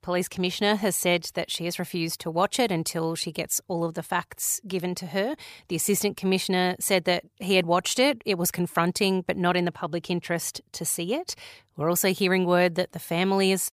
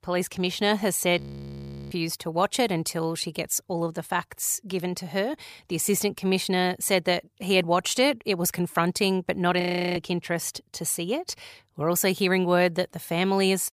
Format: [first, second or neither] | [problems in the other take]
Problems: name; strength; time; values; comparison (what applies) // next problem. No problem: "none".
first | audio freezing; at 1 s for 0.5 s and at 9.5 s